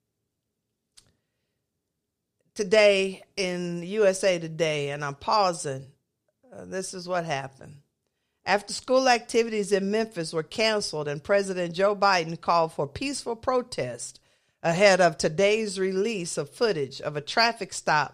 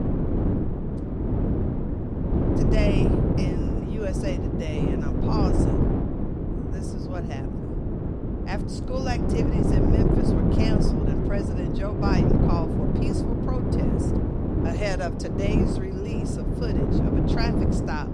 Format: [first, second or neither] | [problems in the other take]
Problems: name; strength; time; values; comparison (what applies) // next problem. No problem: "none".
first | wind noise on the microphone; heavy; 4 dB above the speech